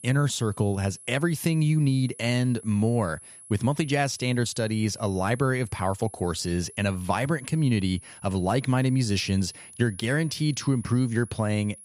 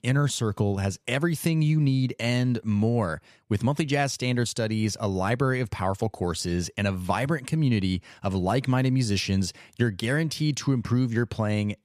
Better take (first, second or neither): second